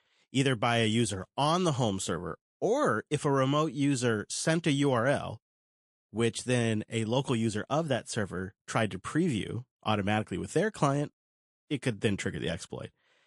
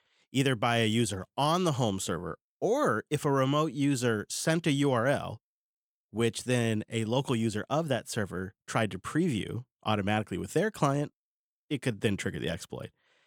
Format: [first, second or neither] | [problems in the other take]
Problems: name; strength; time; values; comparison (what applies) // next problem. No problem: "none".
second | garbled, watery; slightly; nothing above 11 kHz